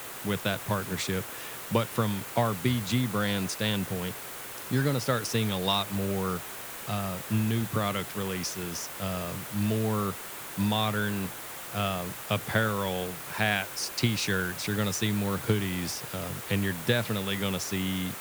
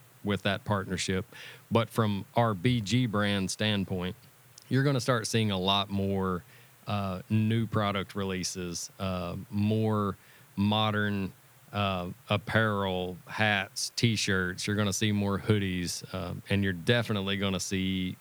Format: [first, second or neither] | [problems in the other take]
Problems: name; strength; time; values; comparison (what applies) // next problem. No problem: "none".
second | hiss; loud; throughout; 7 dB below the speech; faint in the second